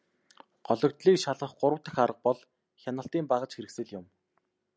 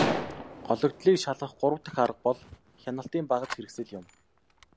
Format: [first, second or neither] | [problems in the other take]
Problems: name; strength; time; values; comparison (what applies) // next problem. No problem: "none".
first | background sound (Gunshot, gunfire); 7 dB below the speech